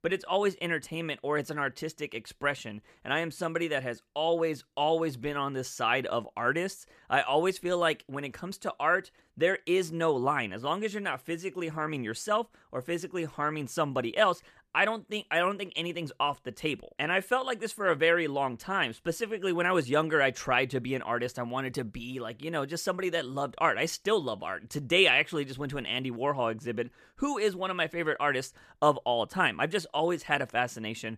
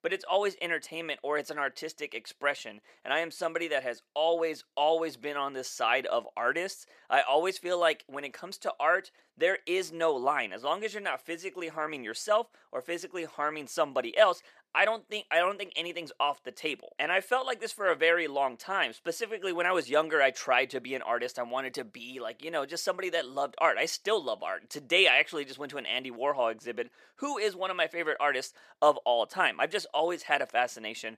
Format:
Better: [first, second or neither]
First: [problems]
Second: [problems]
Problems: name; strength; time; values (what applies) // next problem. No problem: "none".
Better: first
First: none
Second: thin; somewhat; fading below 350 Hz